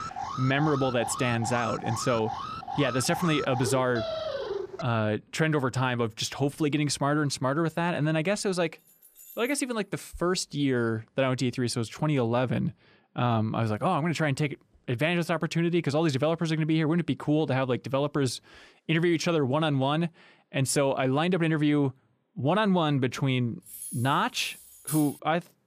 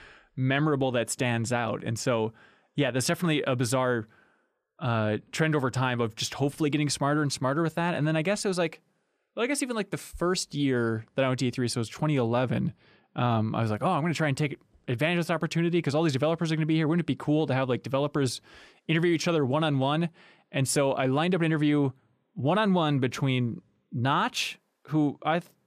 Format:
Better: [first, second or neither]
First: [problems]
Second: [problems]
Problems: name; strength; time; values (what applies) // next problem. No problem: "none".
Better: second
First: alarm; noticeable; until 5 s; peak 5 dB below the speech // jangling keys; faint; at 9 s; peak 20 dB below the speech // jangling keys; noticeable; from 24 to 25 s; peak 8 dB below the speech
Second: none